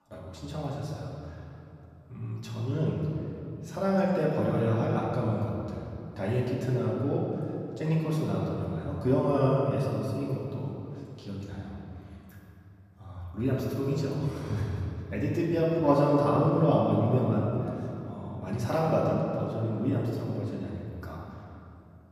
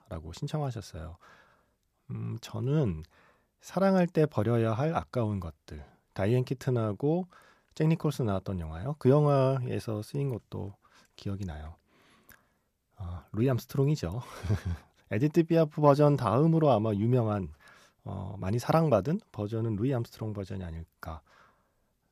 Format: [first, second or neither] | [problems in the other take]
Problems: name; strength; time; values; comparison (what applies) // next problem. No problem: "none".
second | off-mic speech; far // room echo; noticeable; dies away in 2.4 s